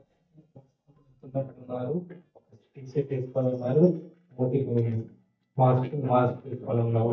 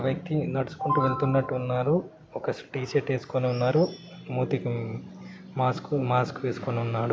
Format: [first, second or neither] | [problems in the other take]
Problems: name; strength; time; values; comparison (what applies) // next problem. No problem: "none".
second | noise reduction (neural mask model DeepFilterNet 3)